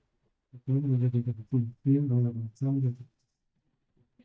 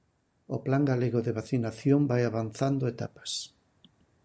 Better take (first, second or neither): second